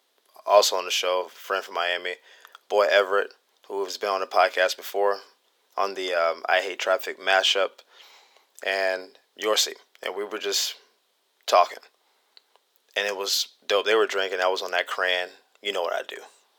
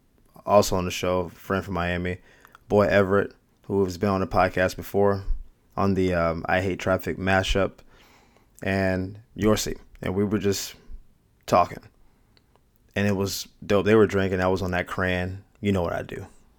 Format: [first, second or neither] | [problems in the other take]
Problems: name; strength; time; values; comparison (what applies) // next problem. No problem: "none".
second | thin; very; fading below 450 Hz